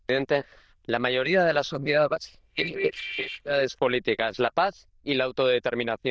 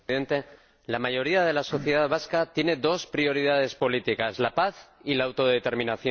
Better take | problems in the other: second | noise reduction (neural diffusion model UNIVERSE++)

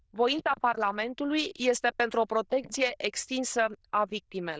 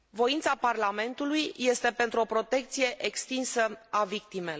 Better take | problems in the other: second | noise reduction (neural diffusion model UNIVERSE++)

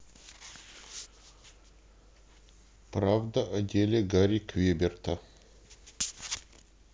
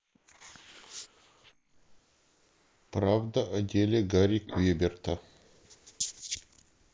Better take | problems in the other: first | noise reduction (neural mask model Resemble Enhance denoiser)

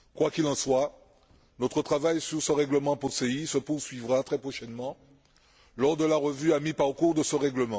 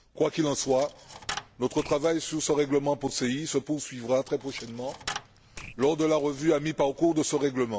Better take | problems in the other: first | background sound (Coin (dropping)); 16 dB below the speech

